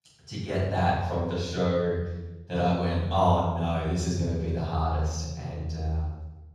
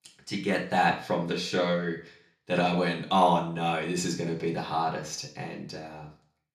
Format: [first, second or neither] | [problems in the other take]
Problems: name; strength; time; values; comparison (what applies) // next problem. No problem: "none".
second | room echo; strong; dies away in 1.3 s; slight in the second // off-mic speech; far; far in the second